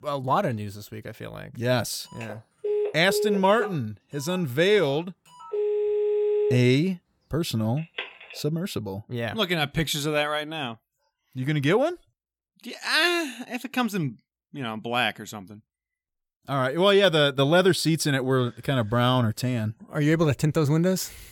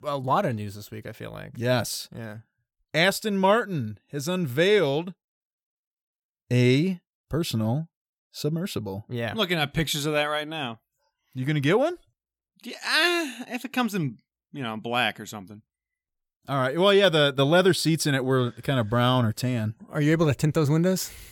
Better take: second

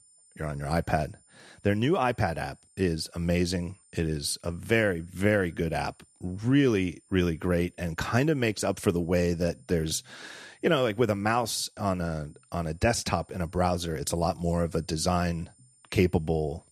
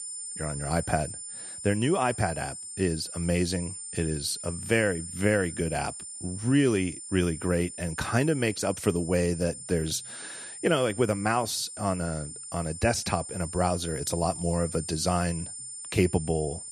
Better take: first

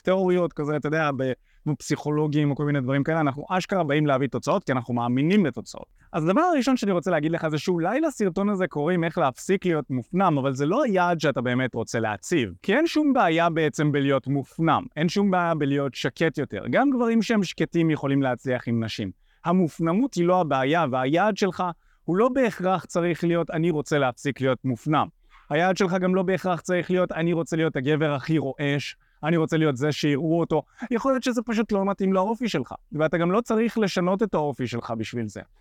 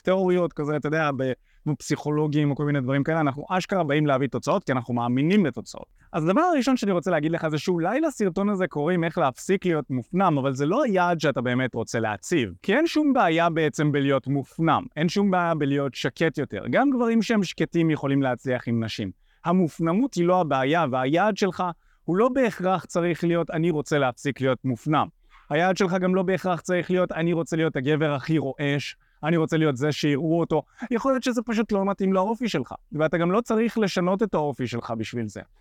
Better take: neither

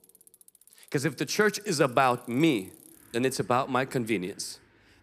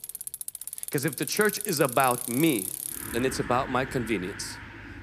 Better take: first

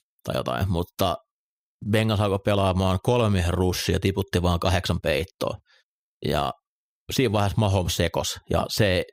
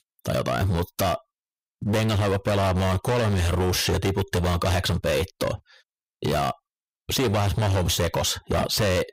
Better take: first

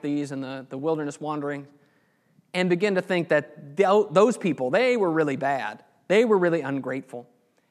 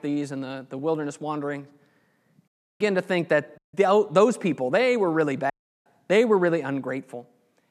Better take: first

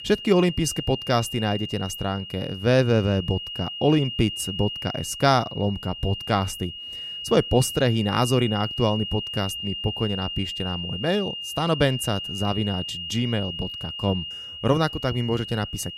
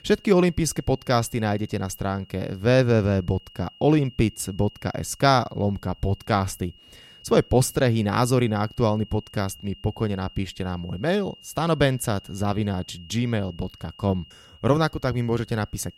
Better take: second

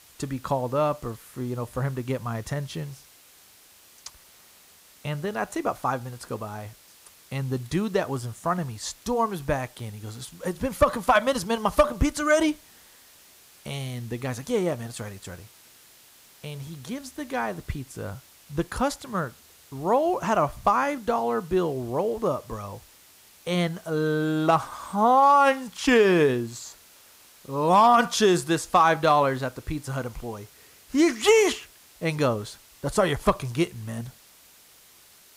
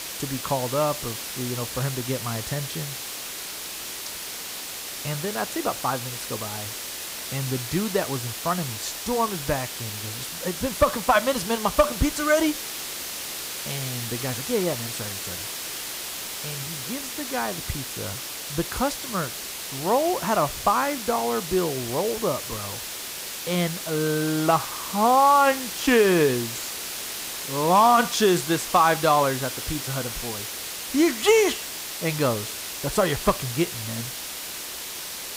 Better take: first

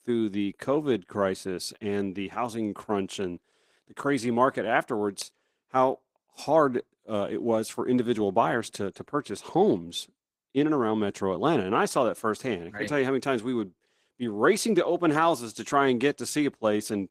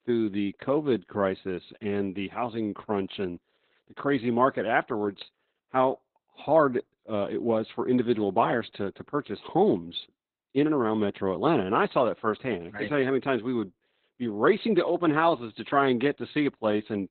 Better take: first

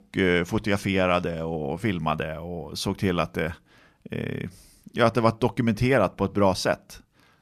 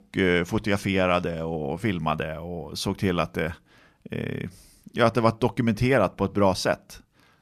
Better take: neither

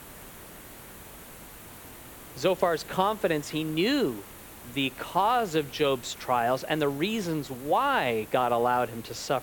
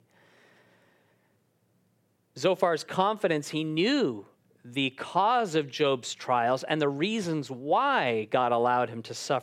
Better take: second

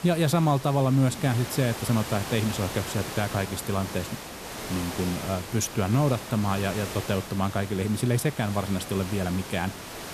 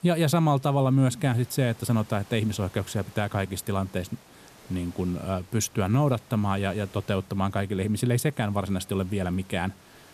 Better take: second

